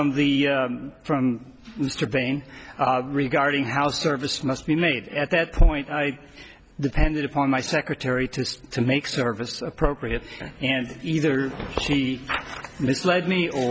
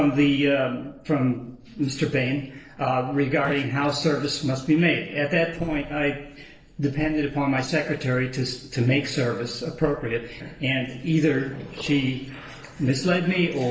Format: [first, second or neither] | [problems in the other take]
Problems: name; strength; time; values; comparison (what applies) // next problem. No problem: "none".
first | noise reduction (neural separator model SepFormer DNS4)